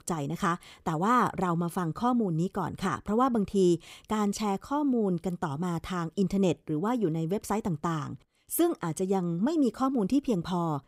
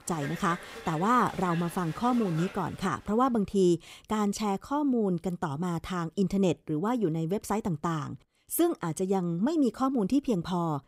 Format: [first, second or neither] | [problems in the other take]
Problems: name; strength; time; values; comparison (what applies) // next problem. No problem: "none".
first | crowd noise; noticeable; until 3 s; 15 dB below the speech